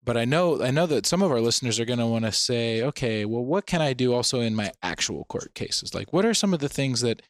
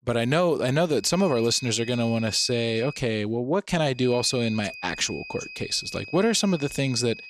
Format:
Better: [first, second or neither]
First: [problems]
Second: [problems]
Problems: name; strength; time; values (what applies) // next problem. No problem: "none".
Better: first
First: none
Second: high-pitched whine; noticeable; from 1 to 3 s and from 4 s on; 2.5 kHz, 15 dB below the speech